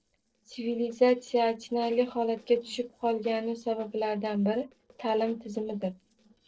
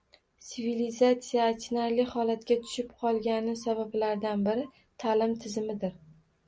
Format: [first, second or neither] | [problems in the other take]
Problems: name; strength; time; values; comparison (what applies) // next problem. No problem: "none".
second | noise reduction (neural separator model SepFormer DNS4)